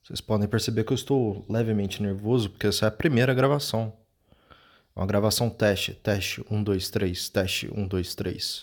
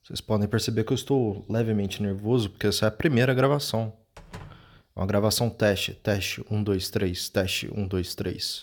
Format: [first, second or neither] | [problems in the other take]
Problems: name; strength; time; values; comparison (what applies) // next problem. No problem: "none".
first | door banging; faint; at 4 s; peak 20 dB below the speech